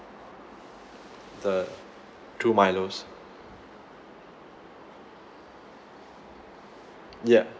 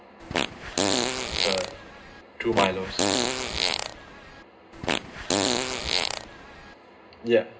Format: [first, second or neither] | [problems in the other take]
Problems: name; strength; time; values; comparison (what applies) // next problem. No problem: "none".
first | background sound (Fart); 4 dB above the speech // room echo; dies away in 0.2 s